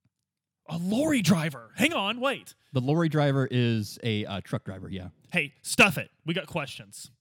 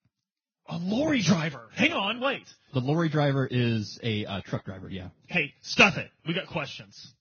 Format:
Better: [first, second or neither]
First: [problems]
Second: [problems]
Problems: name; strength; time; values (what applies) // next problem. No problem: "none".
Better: first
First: none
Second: garbled, watery; badly; nothing above 6.5 kHz